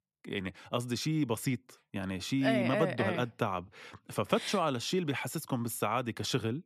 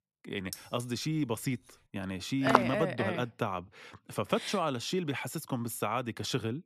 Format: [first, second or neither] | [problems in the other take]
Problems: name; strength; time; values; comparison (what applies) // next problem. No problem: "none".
first | jangling keys; faint; at 0.5 s; peak 10 dB below the speech // footsteps; loud; at 2.5 s; peak 5 dB above the speech